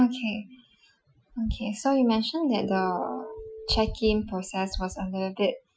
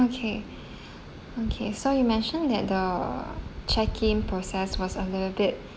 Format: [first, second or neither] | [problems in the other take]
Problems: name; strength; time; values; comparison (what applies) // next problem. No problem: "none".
second | noise reduction (classical method Wiener filter)